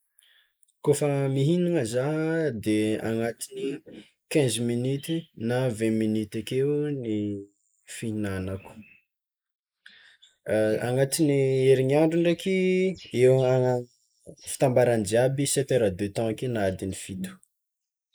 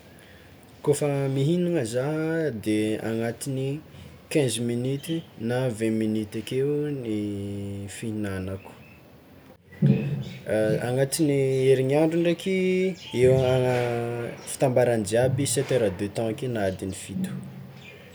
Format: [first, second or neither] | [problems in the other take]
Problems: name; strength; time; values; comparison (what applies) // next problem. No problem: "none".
second | noise reduction (neural mask model Resemble Enhance denoiser)